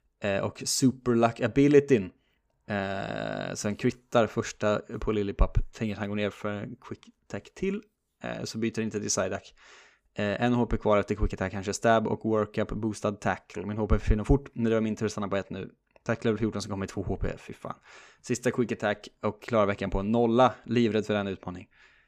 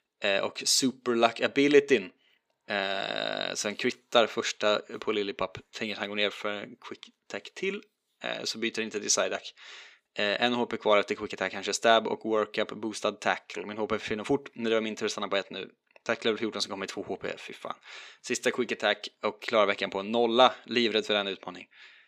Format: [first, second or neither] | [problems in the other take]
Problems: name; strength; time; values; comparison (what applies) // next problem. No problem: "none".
first | thin; very slightly; fading below 350 Hz